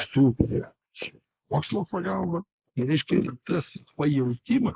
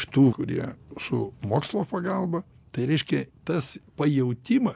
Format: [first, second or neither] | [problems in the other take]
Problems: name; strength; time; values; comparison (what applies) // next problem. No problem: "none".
second | noise reduction (neural mask model Resemble Enhance denoiser)